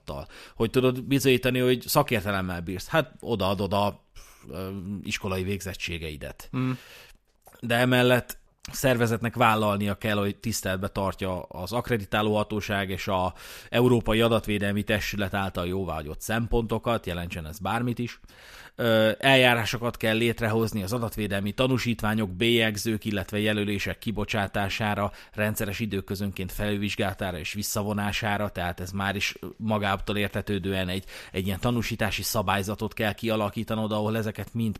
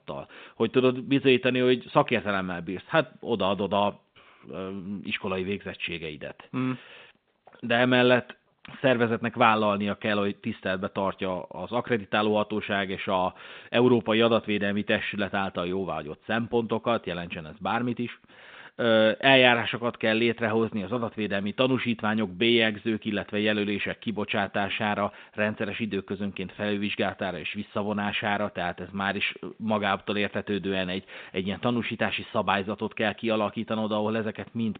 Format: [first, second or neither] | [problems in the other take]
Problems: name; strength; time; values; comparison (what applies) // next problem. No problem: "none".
first | phone-call audio; nothing above 3.5 kHz